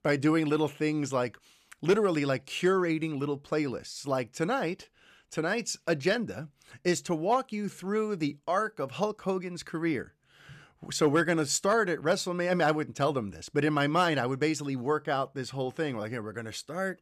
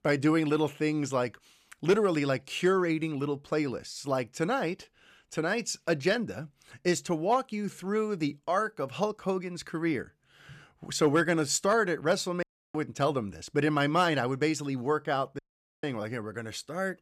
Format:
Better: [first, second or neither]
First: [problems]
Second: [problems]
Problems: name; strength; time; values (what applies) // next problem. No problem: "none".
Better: first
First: none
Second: audio cutting out; at 12 s and at 15 s